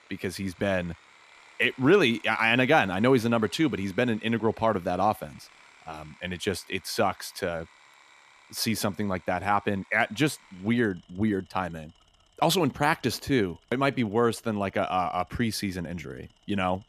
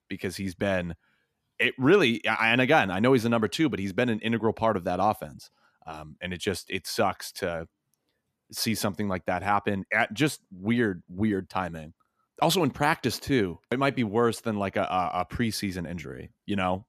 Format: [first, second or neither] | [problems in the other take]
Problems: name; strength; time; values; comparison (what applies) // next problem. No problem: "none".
second | machinery noise; faint; throughout; 30 dB below the speech